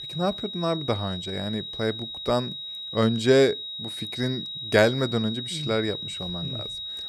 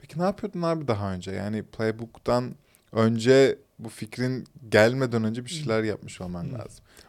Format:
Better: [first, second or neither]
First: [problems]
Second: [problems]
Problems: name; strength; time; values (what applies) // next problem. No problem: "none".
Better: second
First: high-pitched whine; loud; throughout; 4 kHz, 7 dB below the speech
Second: none